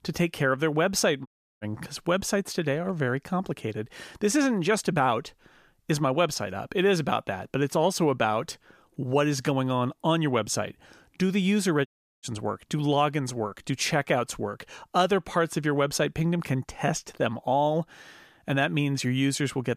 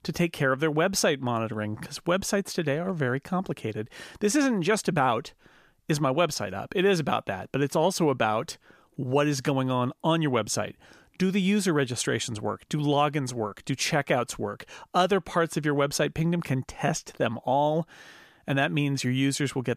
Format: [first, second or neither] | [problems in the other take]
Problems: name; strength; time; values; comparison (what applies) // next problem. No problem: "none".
second | audio cutting out; at 1.5 s and at 12 s